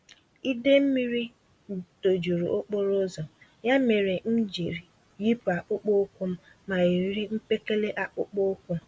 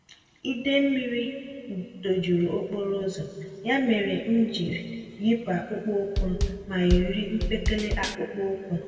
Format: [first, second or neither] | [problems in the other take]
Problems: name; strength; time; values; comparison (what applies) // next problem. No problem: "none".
first | background sound (Drum kit); 1 dB below the speech // room echo; dies away in 2.2 s